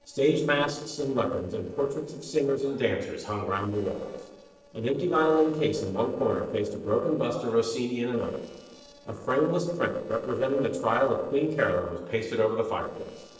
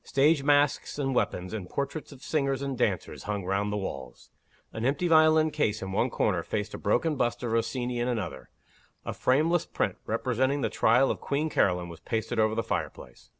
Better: second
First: noise reduction (neural separator model SepFormer DNS4)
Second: none

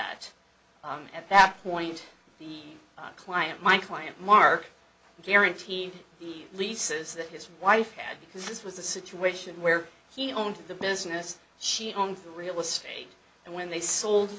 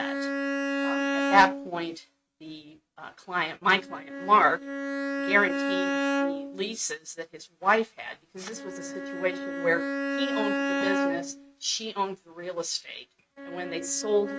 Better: first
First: none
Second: noise reduction (neural mask model RNNoise)

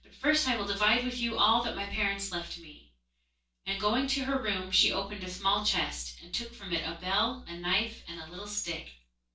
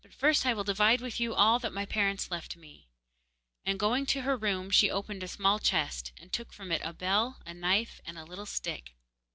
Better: second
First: room echo; dies away in 0.3 s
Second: none

